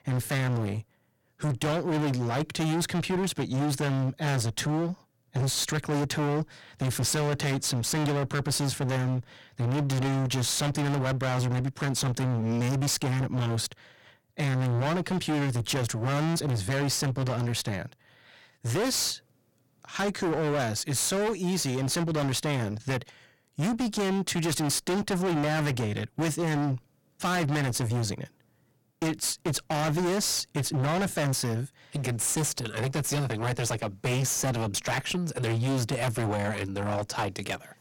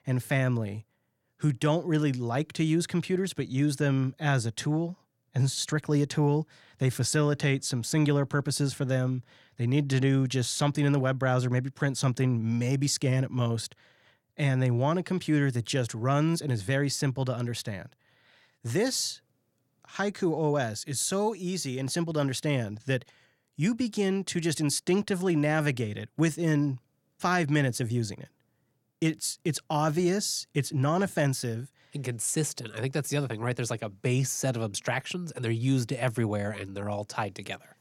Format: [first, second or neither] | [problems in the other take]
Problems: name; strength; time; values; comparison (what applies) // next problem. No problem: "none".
second | distortion; heavy; 35% of the sound clipped